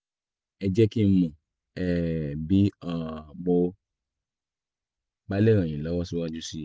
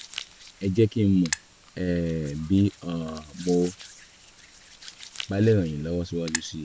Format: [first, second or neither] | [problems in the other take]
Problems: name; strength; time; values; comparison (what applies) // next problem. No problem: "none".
first | background sound (Hands); 14 dB below the speech